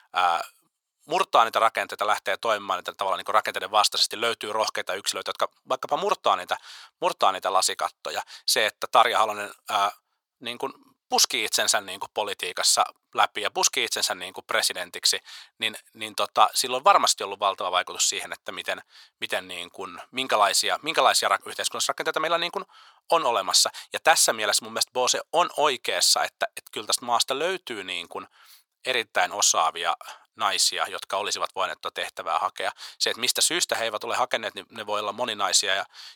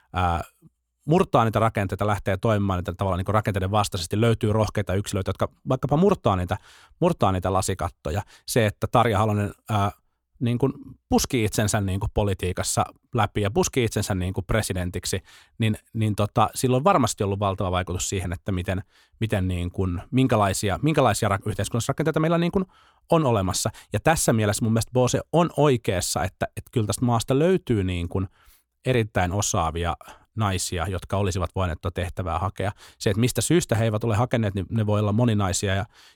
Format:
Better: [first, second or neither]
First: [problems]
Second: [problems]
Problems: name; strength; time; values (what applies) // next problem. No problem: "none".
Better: second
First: thin; very; fading below 850 Hz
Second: none